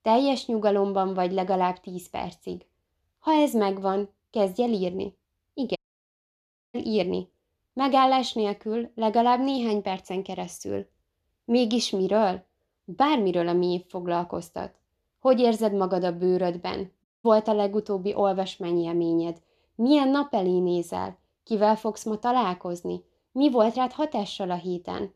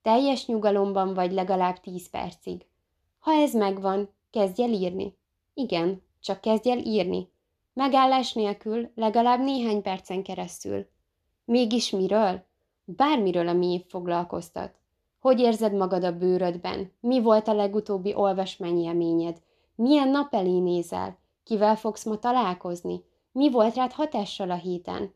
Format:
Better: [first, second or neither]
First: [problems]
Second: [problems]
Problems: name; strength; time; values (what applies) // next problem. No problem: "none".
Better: second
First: audio cutting out; at 6 s for 1 s and at 17 s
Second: none